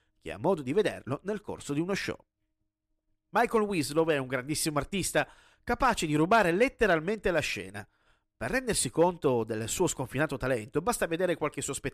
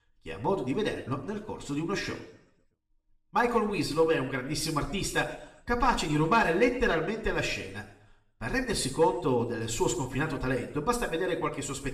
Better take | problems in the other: first | room echo; slight; dies away in 0.7 s // off-mic speech; somewhat distant

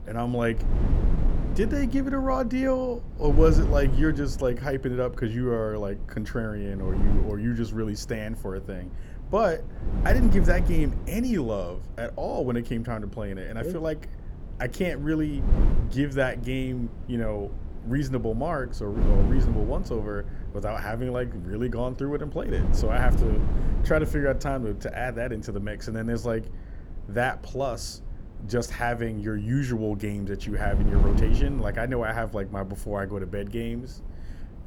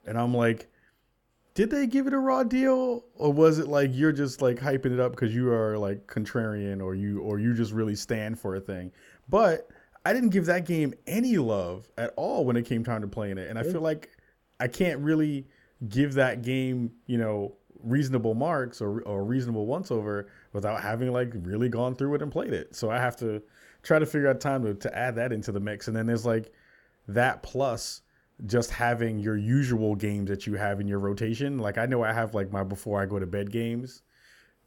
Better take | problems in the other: second | wind noise on the microphone; occasional gusts; 15 dB below the speech

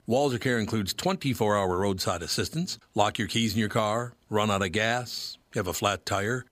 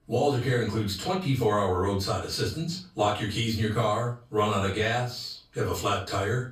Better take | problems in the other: first | off-mic speech; far // room echo; slight; dies away in 0.3 s

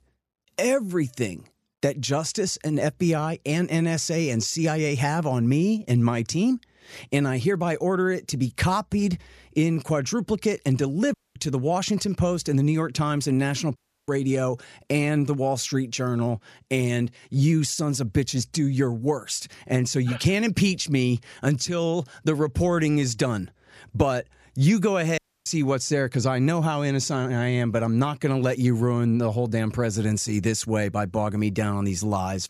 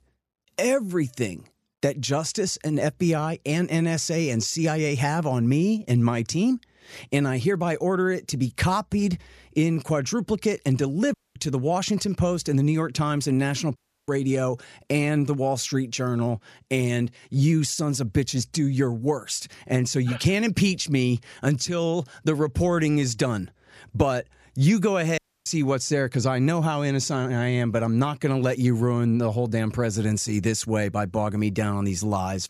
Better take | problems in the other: neither | audio cutting out; at 11 s, at 14 s and at 25 s; the same in both

